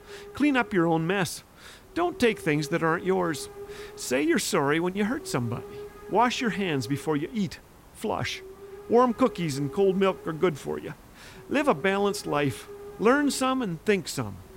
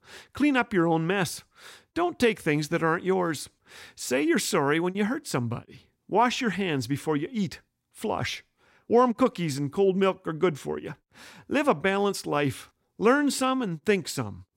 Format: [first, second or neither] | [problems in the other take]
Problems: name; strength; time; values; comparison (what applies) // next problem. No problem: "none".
second | hiss; noticeable; throughout; 20 dB below the speech